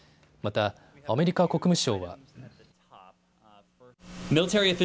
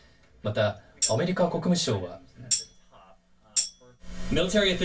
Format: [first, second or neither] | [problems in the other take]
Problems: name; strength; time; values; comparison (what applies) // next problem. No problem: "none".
first | background sound (Tambourine); 4 dB below the speech // room echo; dies away in 0.2 s